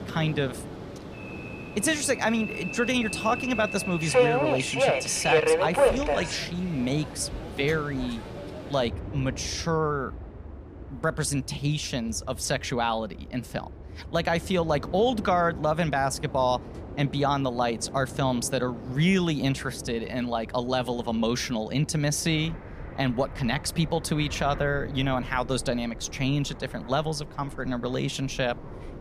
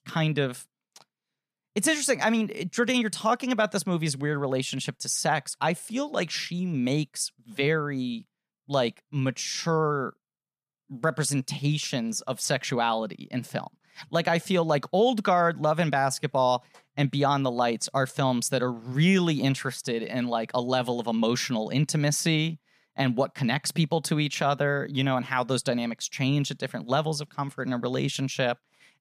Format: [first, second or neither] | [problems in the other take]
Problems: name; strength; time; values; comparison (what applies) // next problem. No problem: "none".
second | train or aircraft noise; loud; throughout; 5 dB below the speech